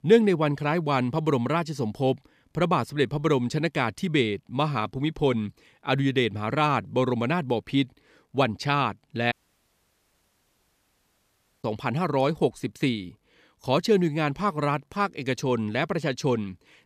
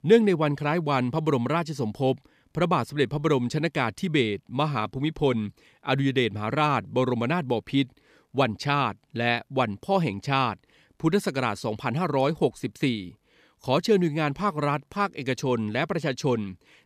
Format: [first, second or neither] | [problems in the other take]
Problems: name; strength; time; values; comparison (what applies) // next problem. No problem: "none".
second | audio cutting out; at 9.5 s for 2.5 s